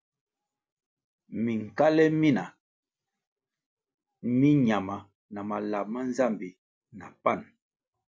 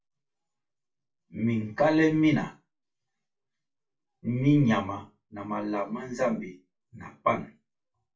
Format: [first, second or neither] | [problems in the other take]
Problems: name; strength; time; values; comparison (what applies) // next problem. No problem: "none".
first | room echo; dies away in 0.2 s